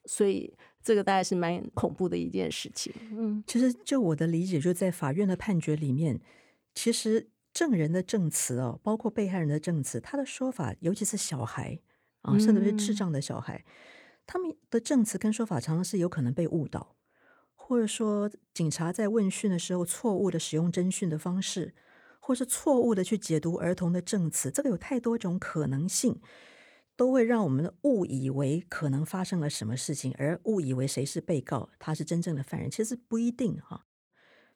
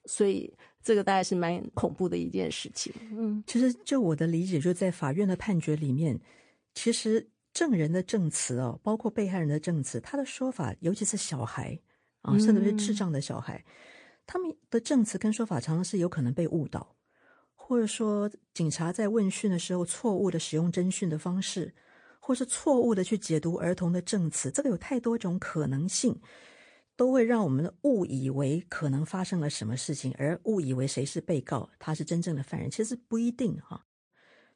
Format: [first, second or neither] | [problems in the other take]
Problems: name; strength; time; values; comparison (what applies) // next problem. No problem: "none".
first | garbled, watery; slightly; nothing above 9 kHz